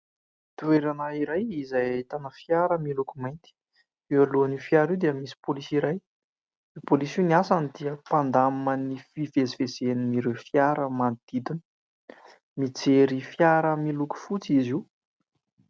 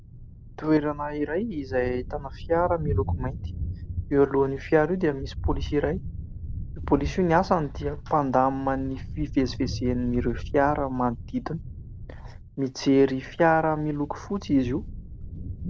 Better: first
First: none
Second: background sound (Thunder); 8 dB below the speech

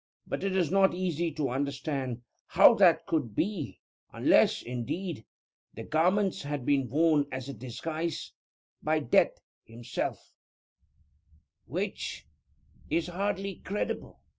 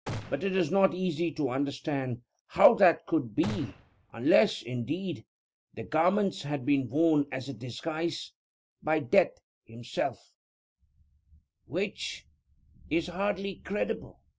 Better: first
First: none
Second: background sound (Gunshot, gunfire); 13 dB below the speech

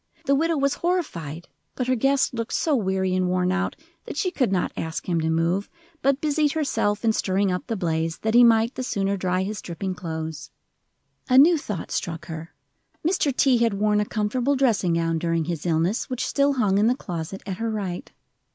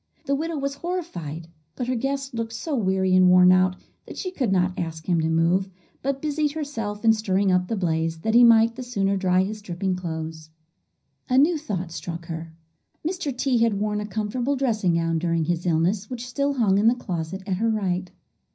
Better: first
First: none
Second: room echo; dies away in 0.5 s

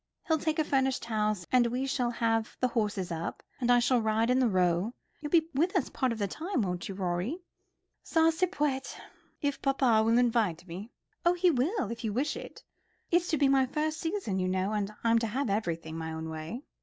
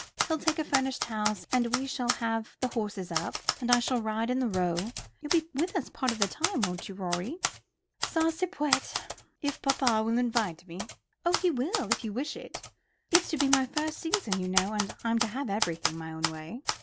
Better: first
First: none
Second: background sound (Typewriter); 4 dB below the speech

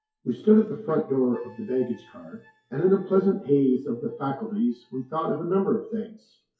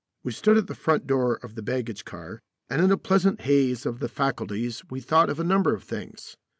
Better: second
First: noise reduction (classical method WPE with log-MMSE)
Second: none

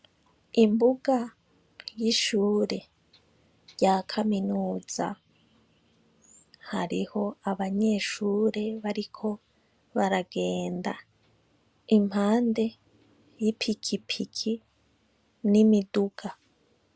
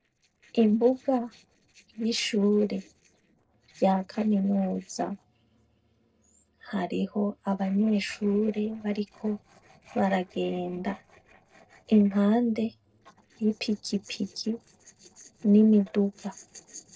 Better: first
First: none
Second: noise reduction (neural separator model SepFormer DNS4)

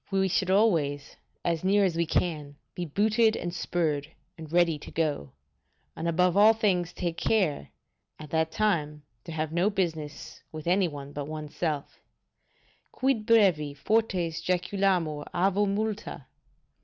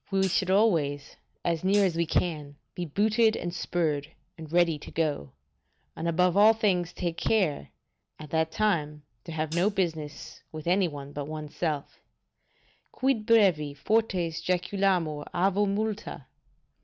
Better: first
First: none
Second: background sound (Hi-hat); 19 dB below the speech

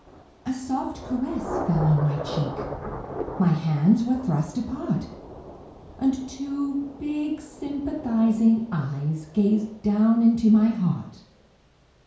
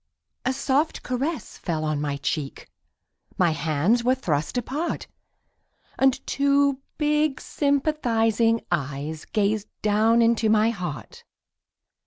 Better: second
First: background sound (Thunder / Rain); 13 dB below the speech // room echo; dies away in 0.6 s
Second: none

